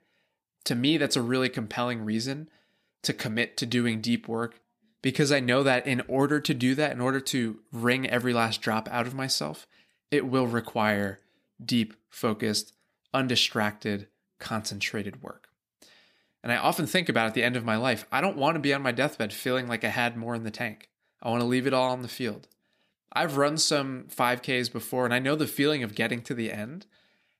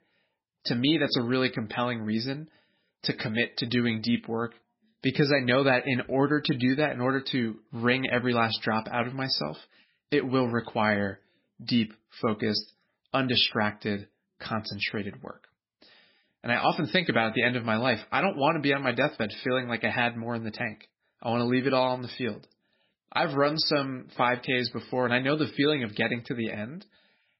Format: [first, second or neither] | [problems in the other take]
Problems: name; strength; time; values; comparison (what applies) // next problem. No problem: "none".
first | garbled, watery; badly; nothing above 5.5 kHz